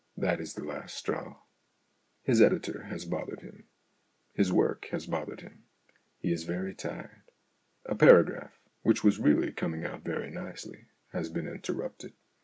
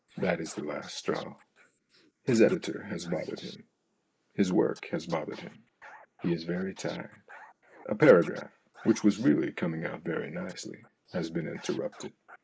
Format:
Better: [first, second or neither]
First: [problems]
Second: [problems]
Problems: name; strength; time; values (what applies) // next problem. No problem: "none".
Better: first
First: none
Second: noise reduction (neural mask model Resemble Enhance denoiser)